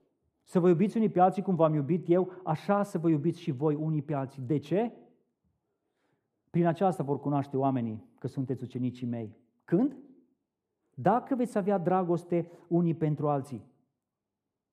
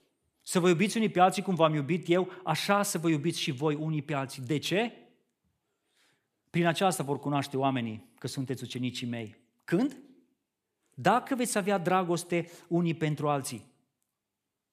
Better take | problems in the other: second | muffled; very; fading above 1.5 kHz

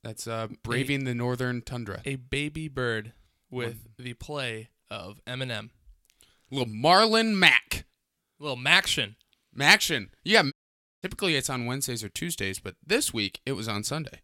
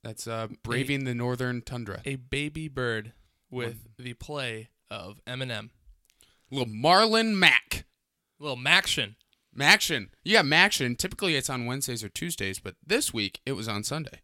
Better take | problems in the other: second | audio cutting out; at 11 s for 0.5 s

